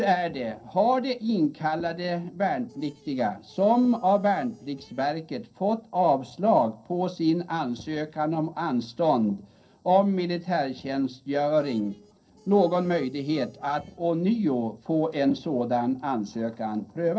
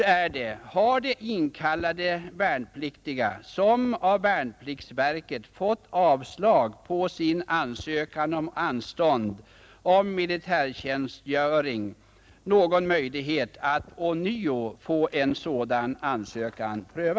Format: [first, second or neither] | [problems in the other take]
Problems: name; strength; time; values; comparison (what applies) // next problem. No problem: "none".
second | noise reduction (neural separator model SepFormer DNS4)